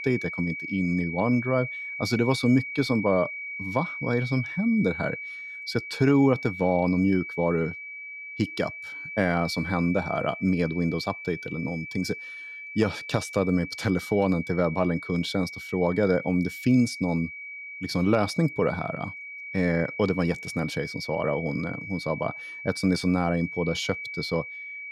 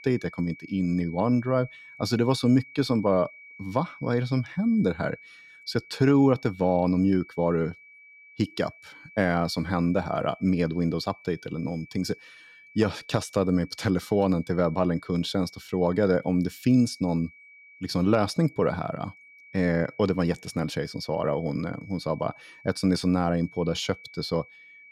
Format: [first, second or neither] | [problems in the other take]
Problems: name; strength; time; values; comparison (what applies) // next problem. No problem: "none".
second | high-pitched whine; loud; throughout; 2.5 kHz, 9 dB below the speech; faint in the second